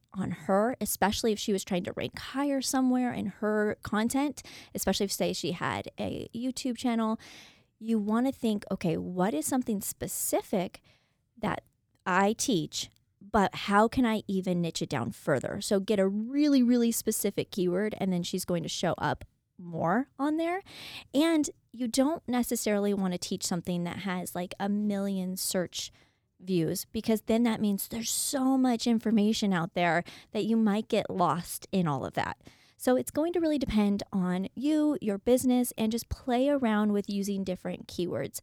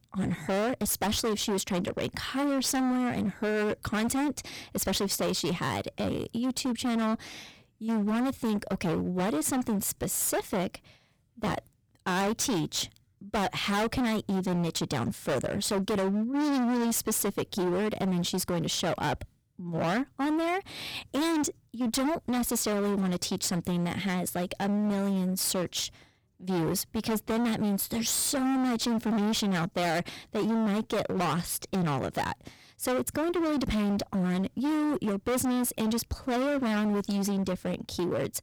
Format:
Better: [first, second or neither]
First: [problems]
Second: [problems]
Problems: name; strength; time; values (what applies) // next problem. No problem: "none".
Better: first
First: none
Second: distortion; heavy; 29% of the sound clipped